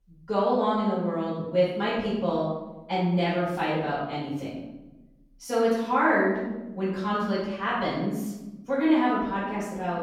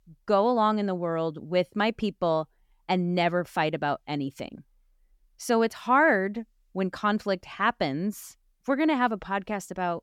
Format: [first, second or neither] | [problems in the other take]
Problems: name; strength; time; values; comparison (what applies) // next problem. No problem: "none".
second | off-mic speech; far // room echo; noticeable; dies away in 0.9 s